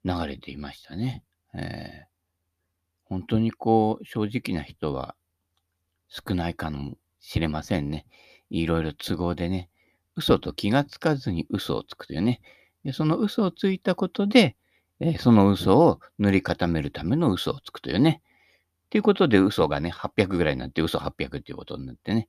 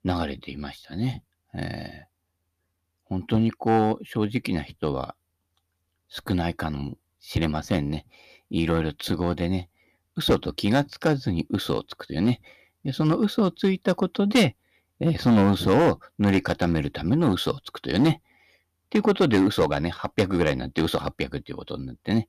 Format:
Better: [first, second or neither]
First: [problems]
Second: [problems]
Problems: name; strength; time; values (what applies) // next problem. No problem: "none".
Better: first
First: none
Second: distortion; slight; 3% of the sound clipped